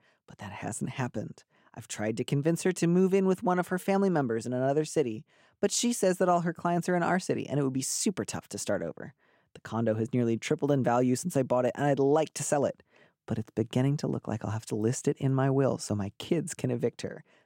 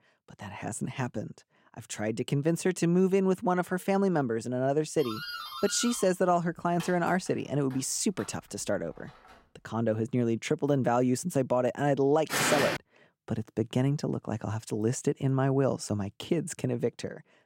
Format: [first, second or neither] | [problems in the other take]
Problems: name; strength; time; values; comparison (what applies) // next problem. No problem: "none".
first | doorbell; noticeable; from 5 to 9.5 s; peak 8 dB below the speech // footsteps; loud; at 12 s; peak 3 dB above the speech